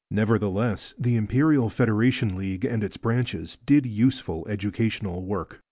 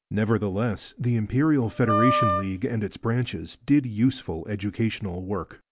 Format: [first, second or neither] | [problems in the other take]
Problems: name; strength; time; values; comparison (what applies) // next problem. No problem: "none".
first | background sound (Wind instrument, woodwind instrument); 2 dB below the speech